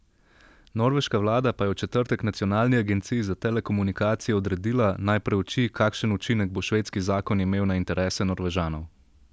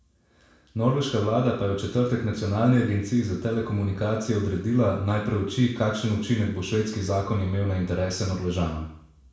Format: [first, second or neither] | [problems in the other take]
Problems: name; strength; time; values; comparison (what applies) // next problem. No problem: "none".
first | room echo; dies away in 0.6 s